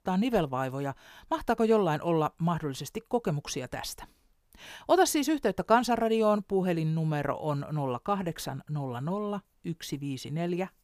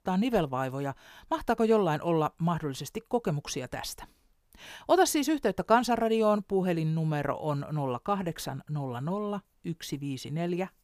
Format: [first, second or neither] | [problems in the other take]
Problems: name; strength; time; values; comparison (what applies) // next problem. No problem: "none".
neither | none